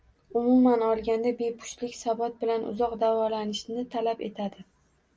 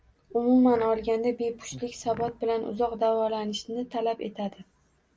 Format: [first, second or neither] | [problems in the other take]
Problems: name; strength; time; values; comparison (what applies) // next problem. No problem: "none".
first | background sound (Fart); 18 dB below the speech